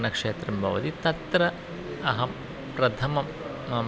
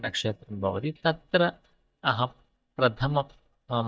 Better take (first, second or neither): first